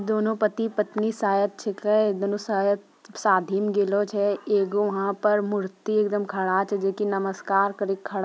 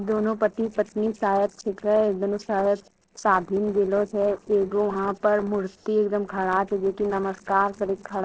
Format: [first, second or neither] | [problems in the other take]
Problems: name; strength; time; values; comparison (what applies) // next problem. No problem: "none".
first | noise reduction (neural separator model SepFormer DNS4)